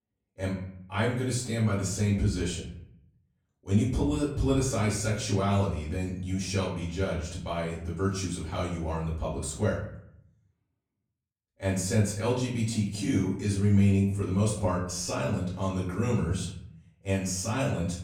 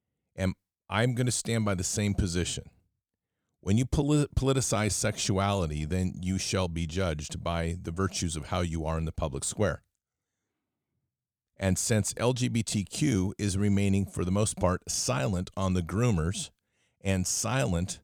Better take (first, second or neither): second